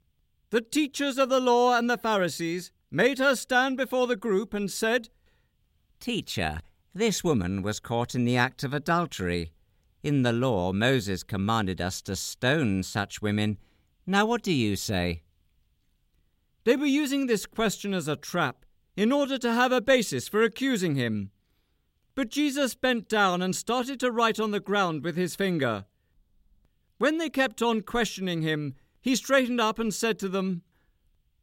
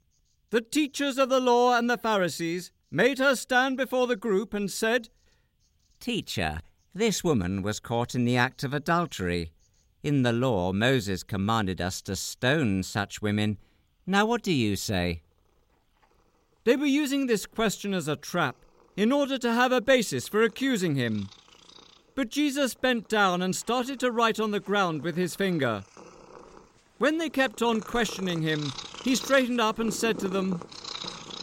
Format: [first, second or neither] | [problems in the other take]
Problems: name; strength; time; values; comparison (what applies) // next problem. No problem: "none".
first | animal sounds; noticeable; throughout; 15 dB below the speech